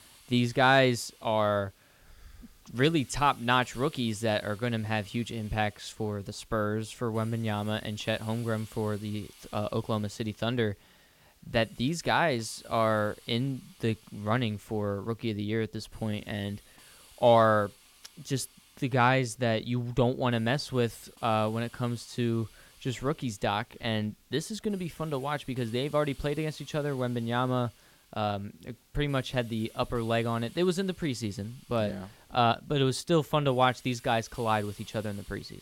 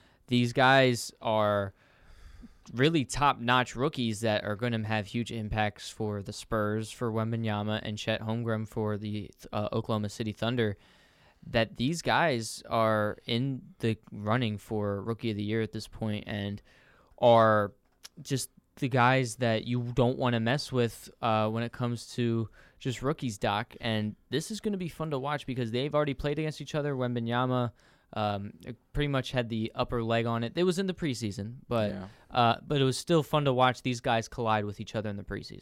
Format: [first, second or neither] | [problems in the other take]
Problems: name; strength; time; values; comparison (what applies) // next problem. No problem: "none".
second | hiss; faint; throughout; 25 dB below the speech